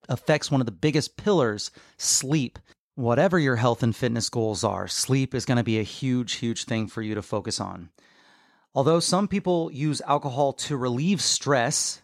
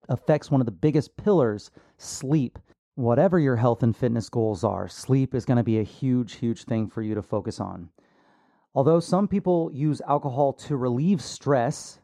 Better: first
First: none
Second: muffled; slightly; fading above 1.5 kHz

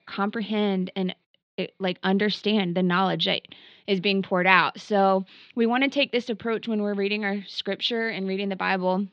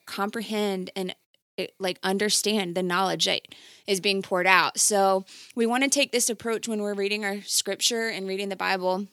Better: second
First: muffled; slightly; fading above 4 kHz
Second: none

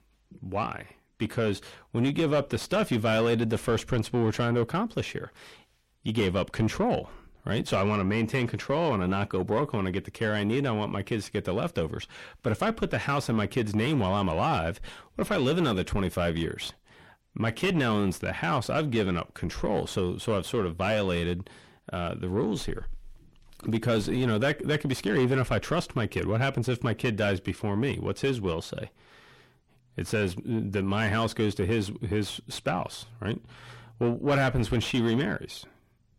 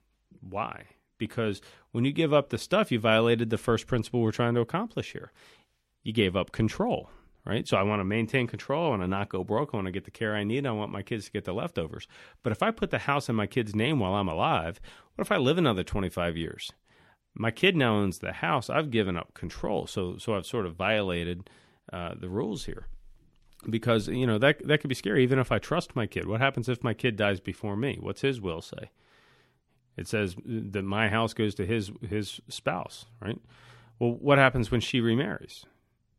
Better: second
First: distortion; heavy; 7 dB below the speech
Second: none

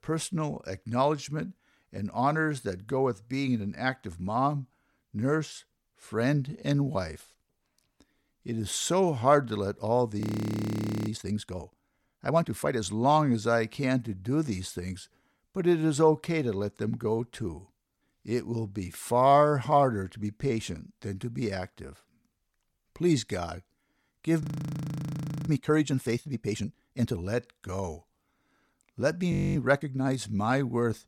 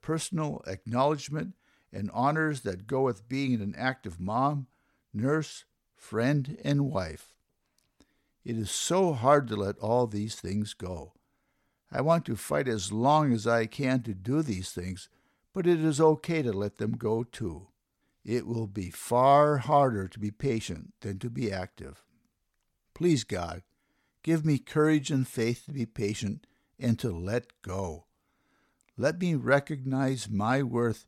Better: second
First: audio freezing; at 10 s for 1 s, at 24 s for 1 s and at 29 s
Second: none

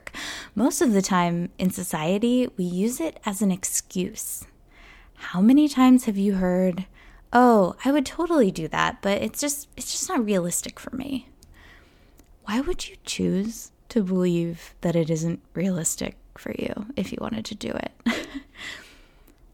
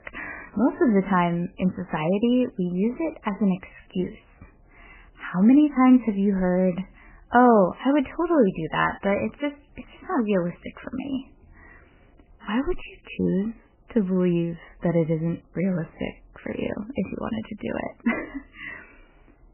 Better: first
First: none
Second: garbled, watery; badly; nothing above 3 kHz

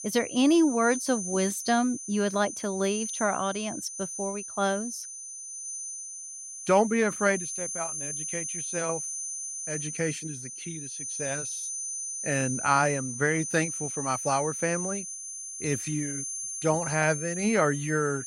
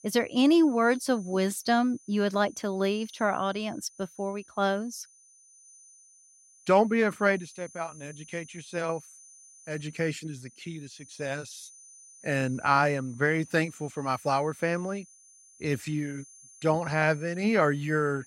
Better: second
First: high-pitched whine; loud; throughout; 6 kHz, 5 dB below the speech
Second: high-pitched whine; faint; throughout; 6 kHz, 25 dB below the speech

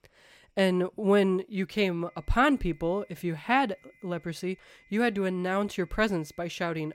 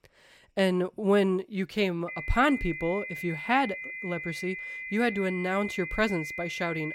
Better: first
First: high-pitched whine; faint; from 2 s on; 2 kHz, 30 dB below the speech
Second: high-pitched whine; loud; from 2 s on; 2 kHz, 7 dB below the speech

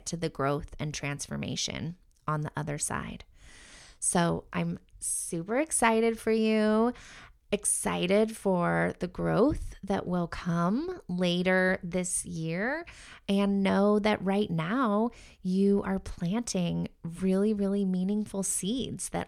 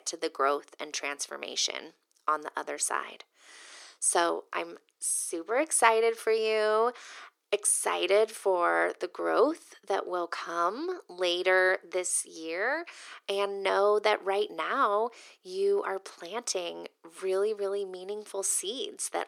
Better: first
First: none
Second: thin; very; fading below 350 Hz

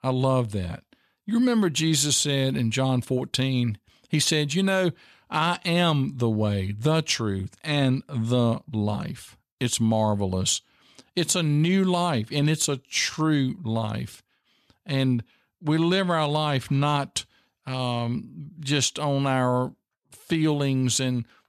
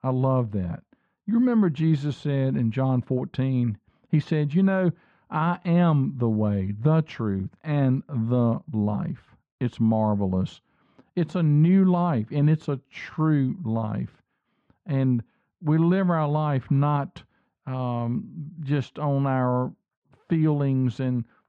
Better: first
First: none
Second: muffled; very; fading above 1.5 kHz

